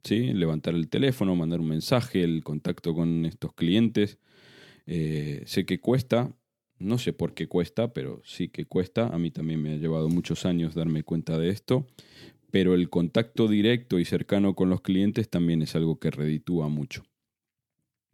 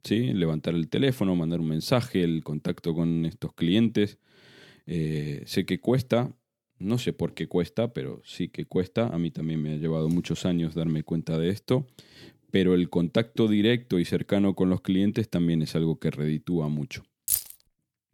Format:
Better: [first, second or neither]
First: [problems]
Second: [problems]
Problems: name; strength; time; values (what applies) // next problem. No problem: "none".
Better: first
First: none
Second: jangling keys; loud; at 17 s; peak 1 dB above the speech